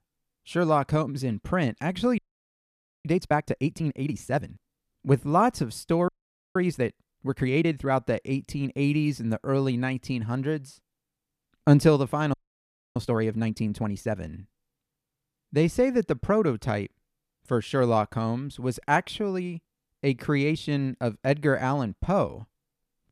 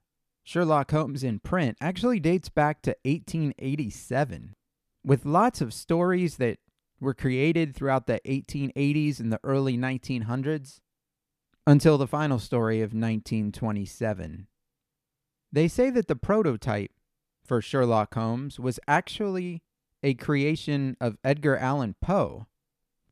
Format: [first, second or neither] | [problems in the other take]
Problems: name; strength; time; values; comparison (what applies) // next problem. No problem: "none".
second | audio freezing; at 2 s for 1 s, at 6 s and at 12 s for 0.5 s